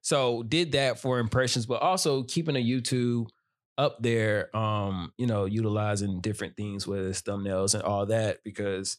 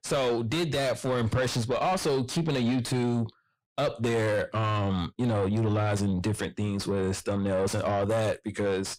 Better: first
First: none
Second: distortion; heavy; 7 dB below the speech

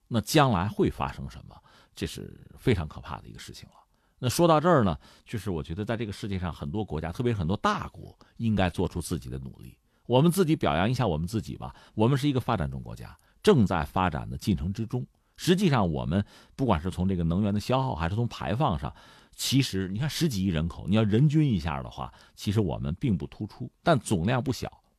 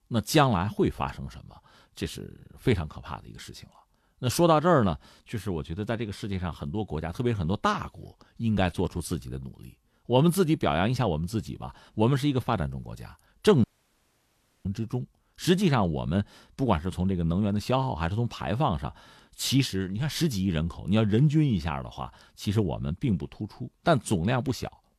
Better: first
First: none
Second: audio cutting out; at 14 s for 1 s

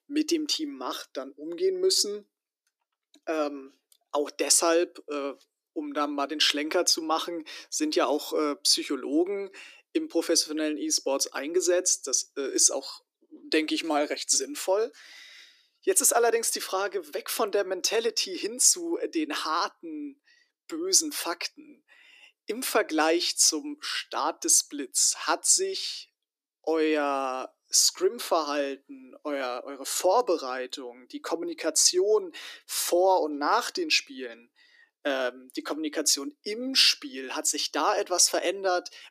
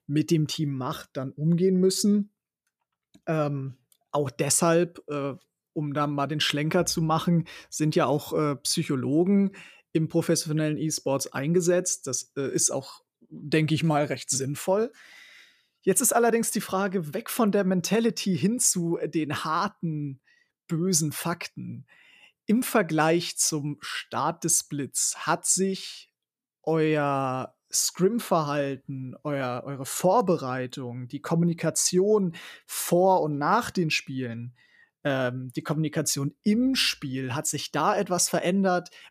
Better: second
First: thin; somewhat; fading below 300 Hz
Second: none

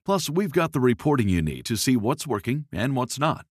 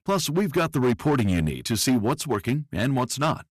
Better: first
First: none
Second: distortion; slight; 8% of the sound clipped

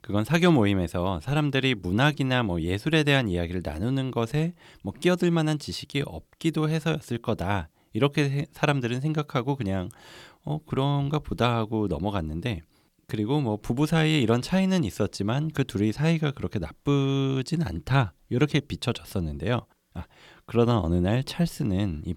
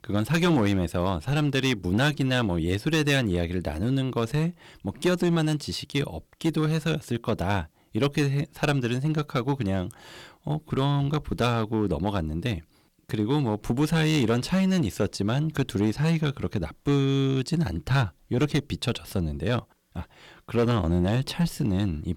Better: first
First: none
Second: distortion; slight; 5% of the sound clipped

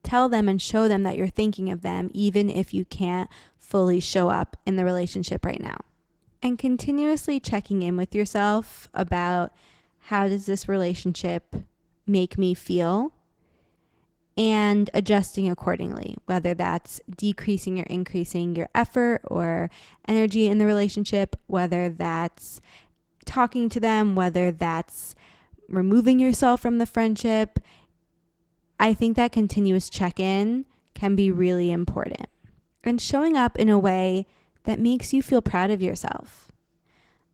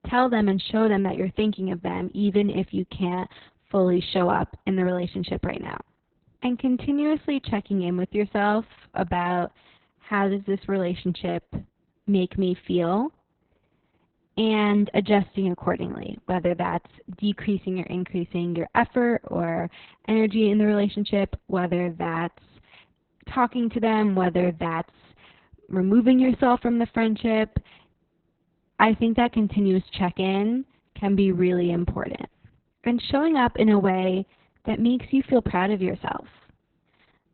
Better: first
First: garbled, watery; slightly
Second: garbled, watery; badly; nothing above 4 kHz

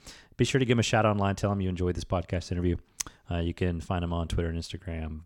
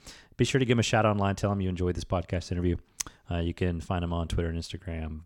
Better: neither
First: none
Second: none

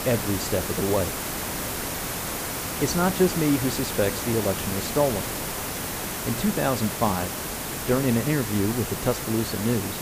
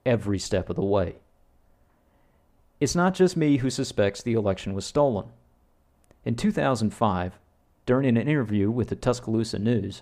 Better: second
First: hiss; loud; throughout; 3 dB below the speech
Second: none

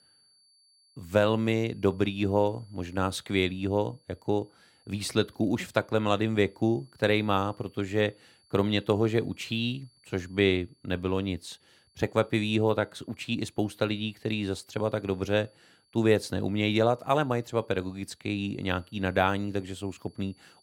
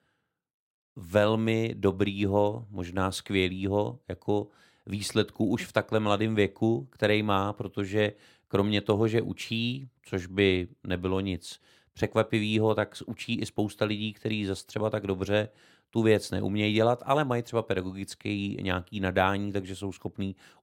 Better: second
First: high-pitched whine; faint; throughout; 4.5 kHz, 35 dB below the speech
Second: none

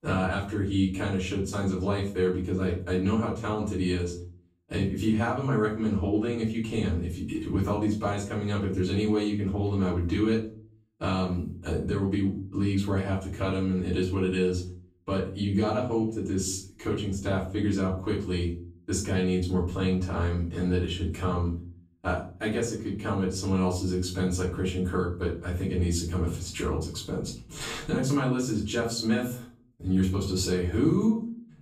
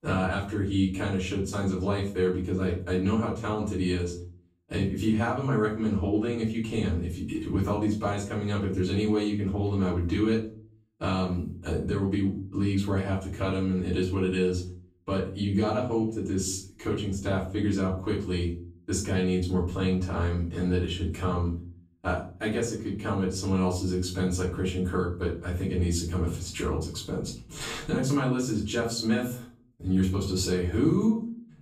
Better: neither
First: room echo; slight; dies away in 0.5 s // off-mic speech; far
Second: room echo; slight; dies away in 0.5 s // off-mic speech; far

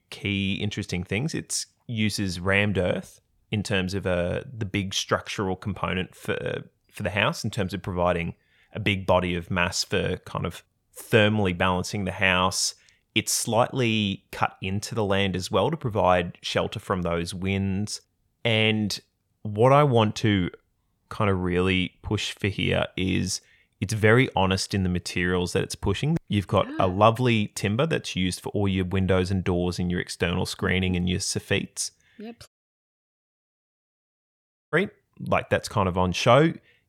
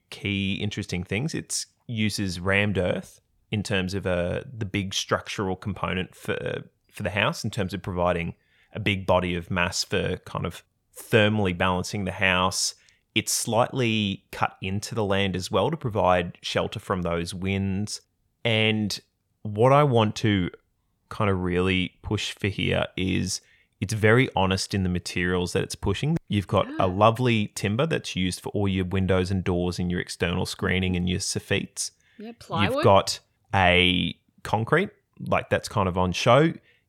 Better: second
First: audio cutting out; at 32 s for 2 s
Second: none

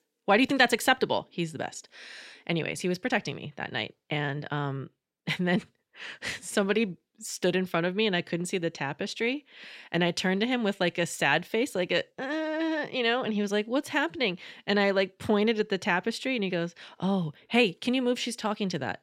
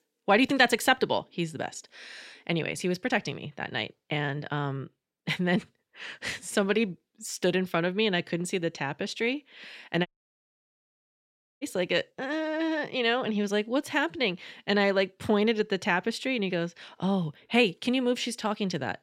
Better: first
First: none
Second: audio cutting out; at 10 s for 1.5 s

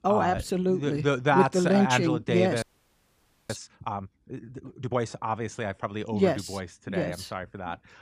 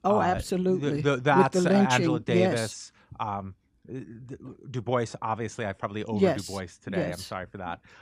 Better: second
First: audio freezing; at 2.5 s for 1 s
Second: none

